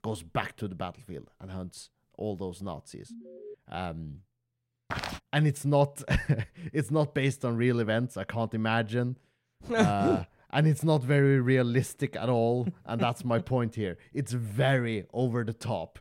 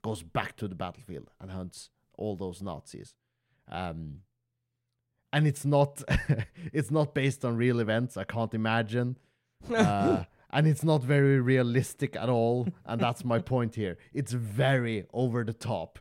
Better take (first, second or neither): second